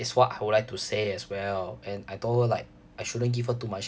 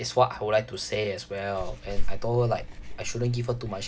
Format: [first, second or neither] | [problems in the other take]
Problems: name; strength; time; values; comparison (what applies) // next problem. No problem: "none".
first | background sound (Clock); 1 dB below the speech